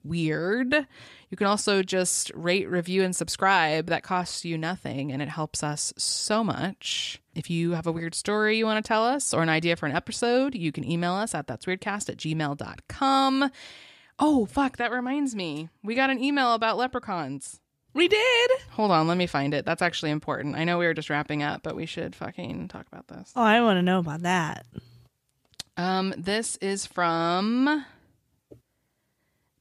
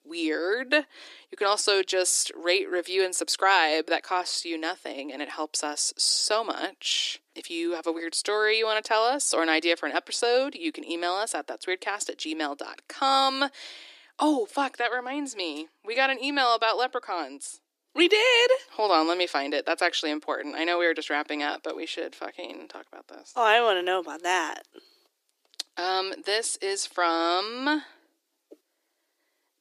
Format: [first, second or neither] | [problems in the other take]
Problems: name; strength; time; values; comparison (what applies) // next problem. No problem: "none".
first | thin; somewhat; fading below 300 Hz